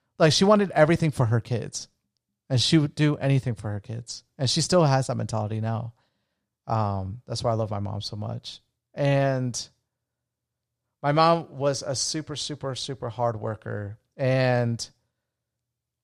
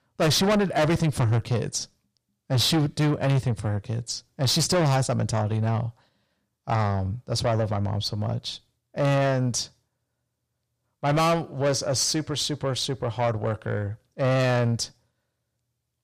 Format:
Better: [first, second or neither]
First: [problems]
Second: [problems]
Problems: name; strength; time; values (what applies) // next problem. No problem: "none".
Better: first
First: none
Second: distortion; heavy; 7 dB below the speech